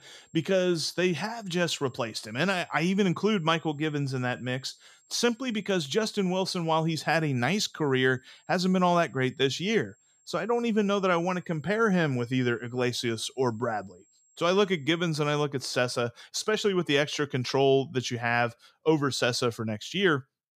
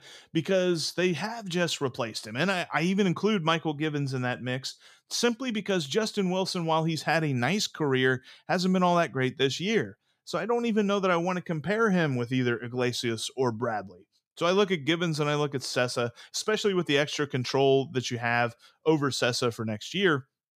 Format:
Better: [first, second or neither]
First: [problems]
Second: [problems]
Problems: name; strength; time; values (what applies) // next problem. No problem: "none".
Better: second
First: high-pitched whine; faint; until 15 s; 7.5 kHz, 35 dB below the speech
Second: none